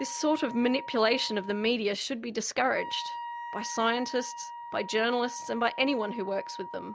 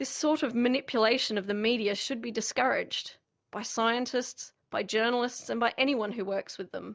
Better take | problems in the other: second | background sound (Wind instrument, woodwind instrument); 11 dB below the speech

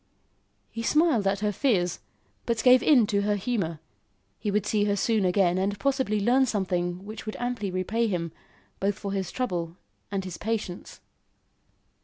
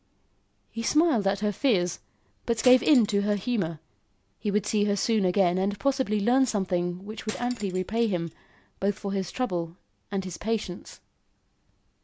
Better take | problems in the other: first | background sound (Cutlery, silverware); 18 dB below the speech

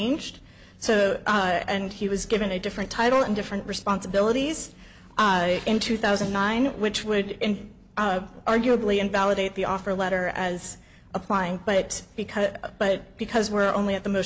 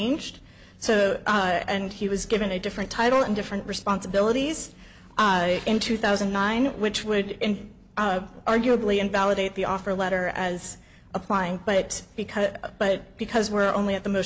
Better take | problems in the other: second | background sound (Snare drum); 15 dB below the speech

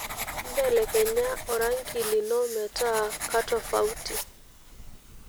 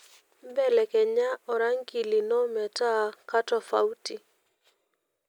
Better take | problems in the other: second | background sound (Writing); 8 dB below the speech

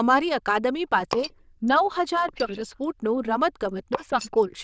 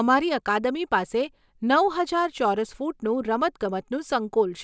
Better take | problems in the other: second | noise reduction (neural diffusion model UNIVERSE++)

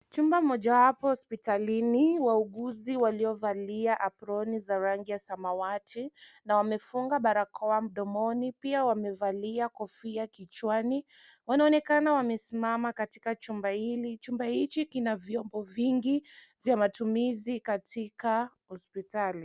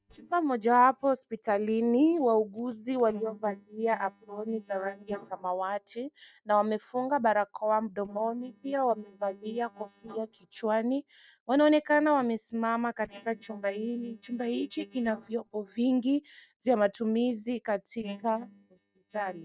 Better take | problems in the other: first | noise reduction (neural mask model DeepFilterNet 3)

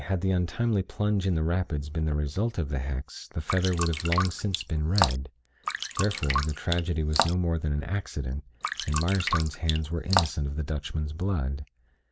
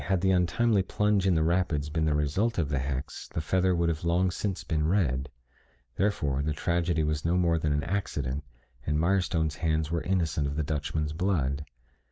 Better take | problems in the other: second | background sound (Drip); 4 dB below the speech

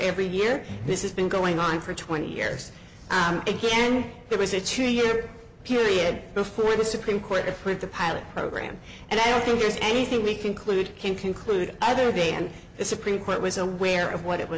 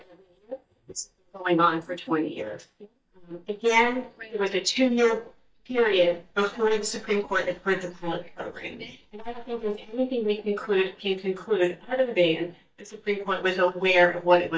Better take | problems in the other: first | noise reduction (neural mask model DeepFilterNet 3)

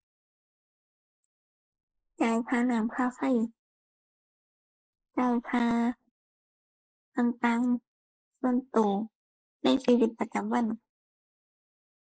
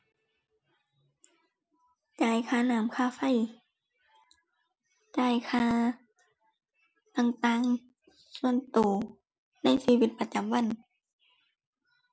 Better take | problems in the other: second | noise reduction (neural mask model Resemble Enhance denoiser)

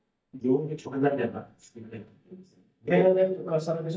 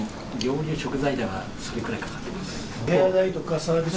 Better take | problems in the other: second | noise reduction (neural mask model DeepFilterNet 3)

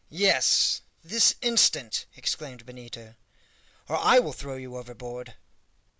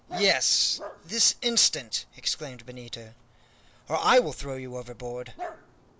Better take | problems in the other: first | background sound (Dog); 17 dB below the speech

